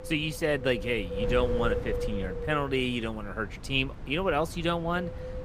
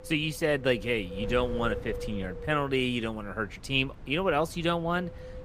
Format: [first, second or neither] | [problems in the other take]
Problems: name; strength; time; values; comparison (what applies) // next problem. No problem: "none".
second | wind noise on the microphone; heavy; 6 dB below the speech; occasional gusts in the second